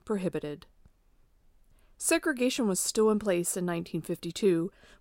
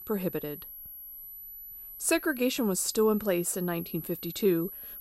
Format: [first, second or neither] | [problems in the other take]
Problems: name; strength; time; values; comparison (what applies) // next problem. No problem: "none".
first | high-pitched whine; noticeable; throughout; 11.5 kHz, 10 dB below the speech